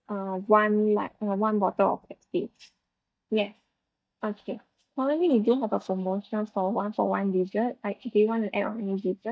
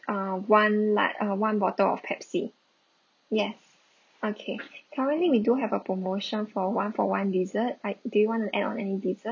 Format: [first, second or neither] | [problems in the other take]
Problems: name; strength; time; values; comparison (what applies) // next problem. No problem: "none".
second | noise reduction (neural mask model DeepFilterNet 3)